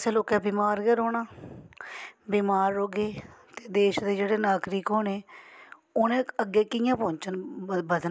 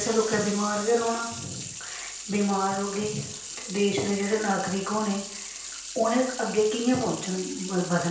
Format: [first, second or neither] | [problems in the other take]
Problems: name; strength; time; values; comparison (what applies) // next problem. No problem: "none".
first | background sound (Sink (filling or washing) / Water tap, faucet); 10 dB below the speech // room echo; dies away in 0.5 s